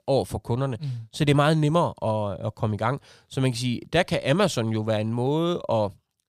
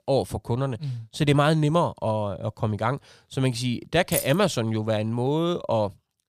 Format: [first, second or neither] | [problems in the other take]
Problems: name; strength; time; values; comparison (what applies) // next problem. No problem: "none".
first | jangling keys; noticeable; at 4 s; peak 4 dB below the speech